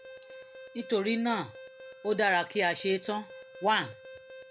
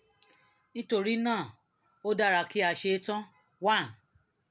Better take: second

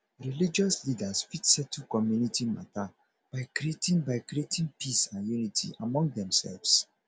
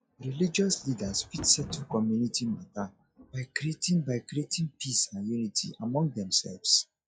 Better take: first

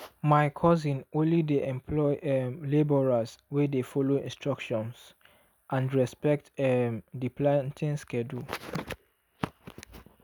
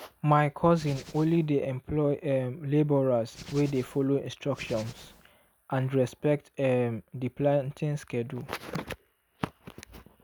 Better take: first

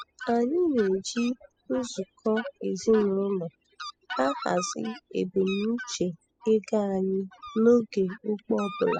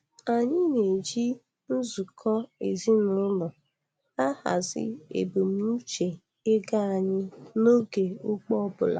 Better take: second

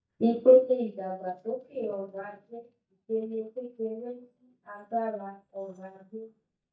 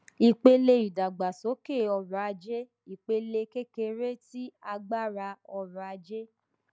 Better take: second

